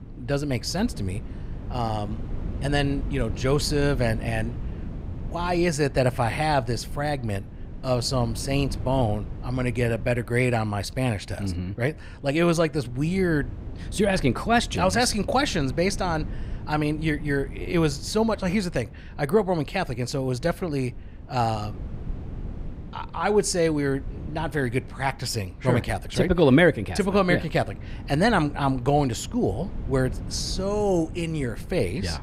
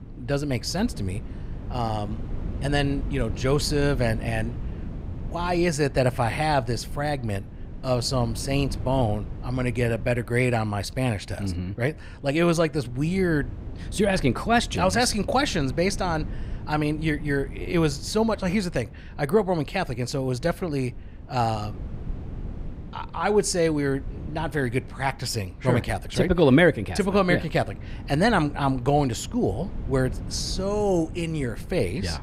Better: neither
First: wind noise on the microphone; occasional gusts; 20 dB below the speech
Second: wind noise on the microphone; occasional gusts; 20 dB below the speech

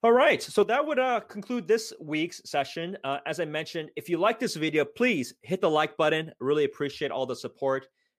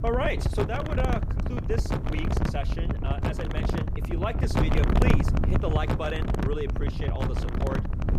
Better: first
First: none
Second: wind noise on the microphone; heavy; as loud as the speech

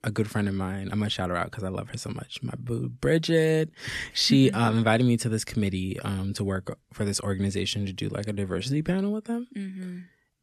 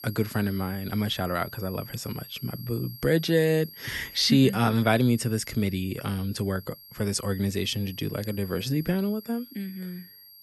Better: first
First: none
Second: high-pitched whine; noticeable; throughout; 11.5 kHz, 15 dB below the speech

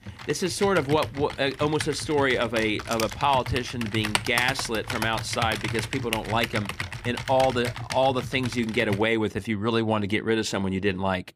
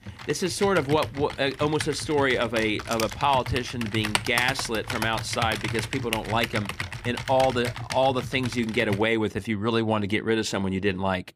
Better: neither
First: keyboard typing; noticeable; until 9 s; peak level with the speech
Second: keyboard typing; noticeable; until 9 s; peak level with the speech

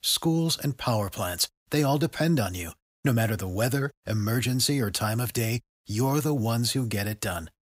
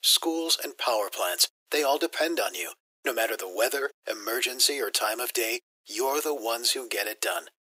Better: first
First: none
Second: thin; very; fading below 350 Hz

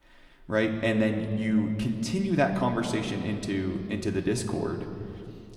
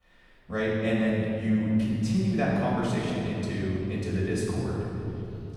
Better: first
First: room echo; slight; dies away in 2 s // off-mic speech; somewhat distant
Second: room echo; strong; dies away in 3 s // off-mic speech; far

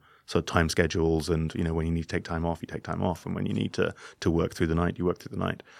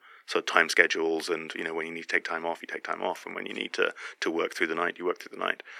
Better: first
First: none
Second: thin; very; fading below 300 Hz

